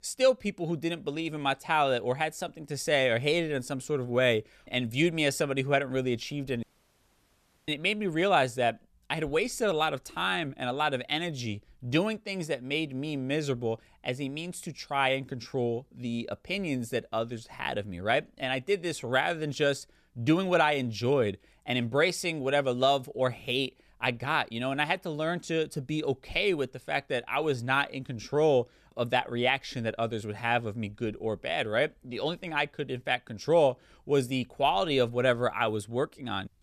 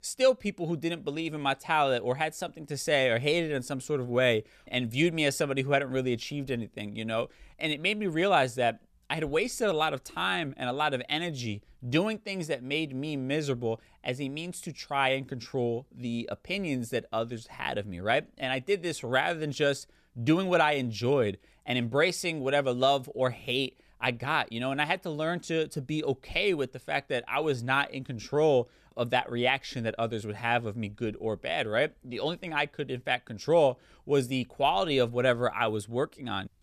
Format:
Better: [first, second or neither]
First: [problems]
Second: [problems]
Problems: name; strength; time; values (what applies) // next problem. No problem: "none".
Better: second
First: audio cutting out; at 6.5 s for 1 s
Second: none